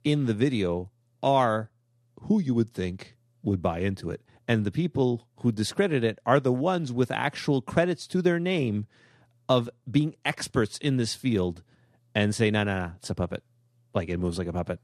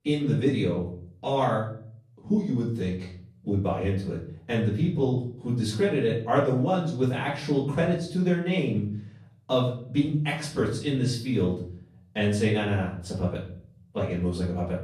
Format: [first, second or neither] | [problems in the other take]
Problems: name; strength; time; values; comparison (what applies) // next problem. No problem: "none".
first | room echo; slight; dies away in 0.6 s // off-mic speech; far